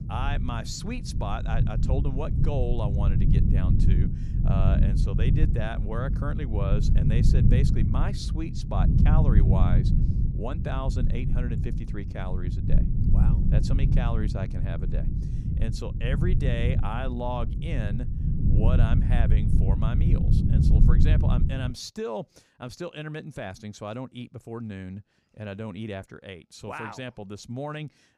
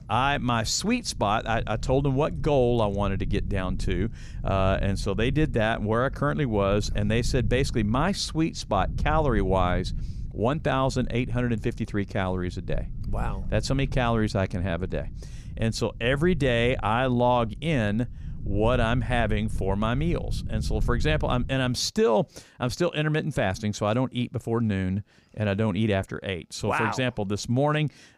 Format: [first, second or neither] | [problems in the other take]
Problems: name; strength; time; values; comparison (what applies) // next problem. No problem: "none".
second | low rumble; loud; until 22 s; 2 dB below the speech; faint in the second